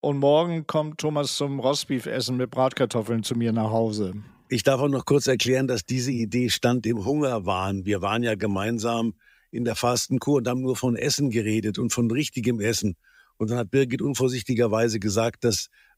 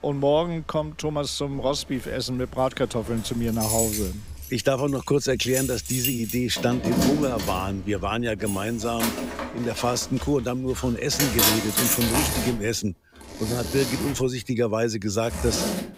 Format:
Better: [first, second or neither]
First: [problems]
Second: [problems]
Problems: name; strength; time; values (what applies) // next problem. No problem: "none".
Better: first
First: none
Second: household noises; loud; throughout; 1 dB below the speech